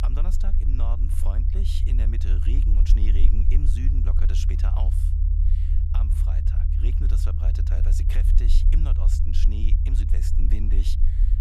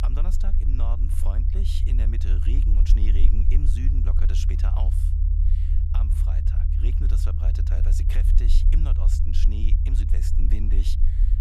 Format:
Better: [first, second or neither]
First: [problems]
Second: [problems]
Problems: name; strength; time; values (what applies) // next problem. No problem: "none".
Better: neither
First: low rumble; loud; throughout; 1 dB below the speech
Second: low rumble; loud; throughout; 1 dB below the speech